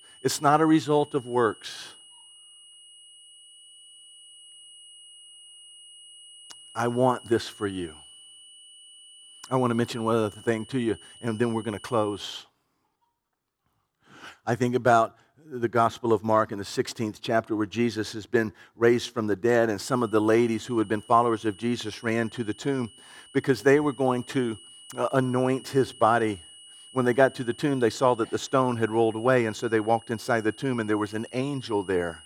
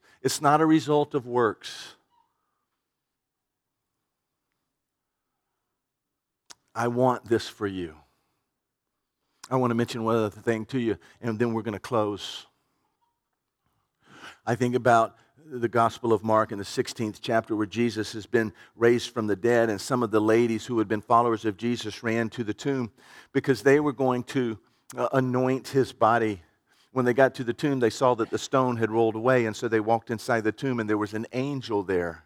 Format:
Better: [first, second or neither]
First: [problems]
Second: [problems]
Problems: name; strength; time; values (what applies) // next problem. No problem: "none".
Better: second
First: high-pitched whine; faint; until 12 s and from 20 s on; 3 kHz, 20 dB below the speech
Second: none